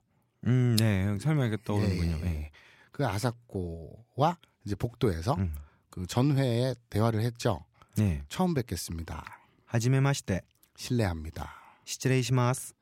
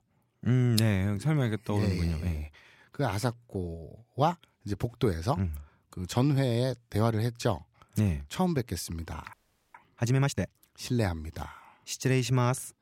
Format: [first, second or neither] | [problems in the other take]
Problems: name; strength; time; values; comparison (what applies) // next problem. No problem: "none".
first | audio freezing; at 9.5 s